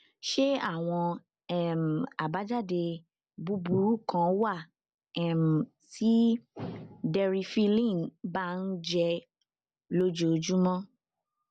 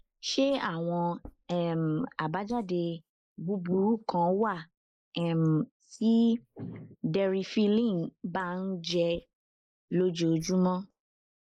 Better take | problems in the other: first | noise reduction (neural mask model Resemble Enhance denoiser)

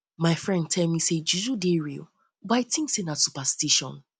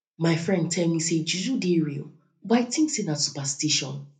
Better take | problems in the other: first | room echo; dies away in 0.3 s

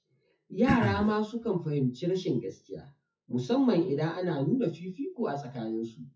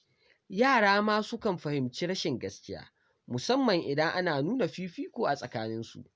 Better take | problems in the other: second | noise reduction (classical method WPE with log-MMSE)

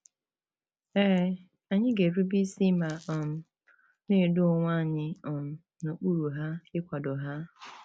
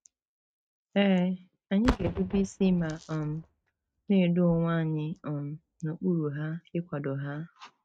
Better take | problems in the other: first | noise reduction (neural mask model RNNoise)

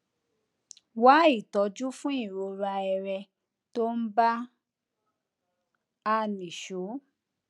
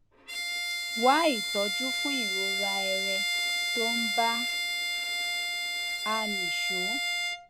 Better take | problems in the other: first | background sound (Bowed string instrument); 3 dB above the speech

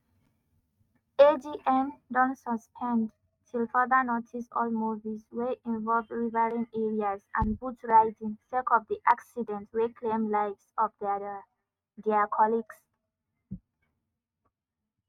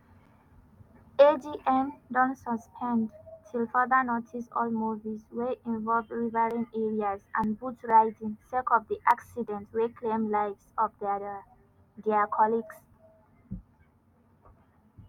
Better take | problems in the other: second | noise reduction (neural mask model RNNoise)

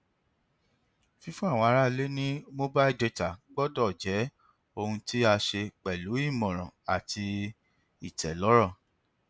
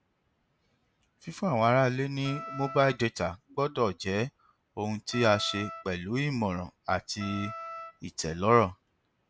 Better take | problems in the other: first | background sound (Wind instrument, woodwind instrument); 12 dB below the speech

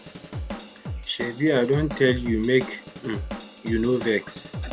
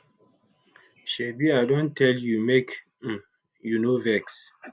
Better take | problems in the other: second | background sound (Drum / Drum kit); 9 dB below the speech

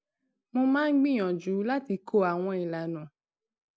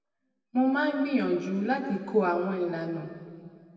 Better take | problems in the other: first | room echo; dies away in 2 s

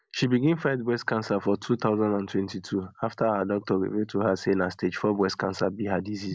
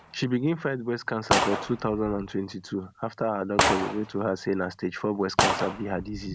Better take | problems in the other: first | background sound (Gunshot, gunfire); 2 dB below the speech

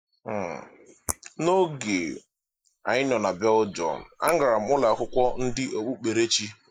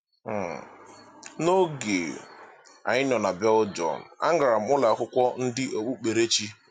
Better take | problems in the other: second | noise reduction (neural mask model Resemble Enhance denoiser)

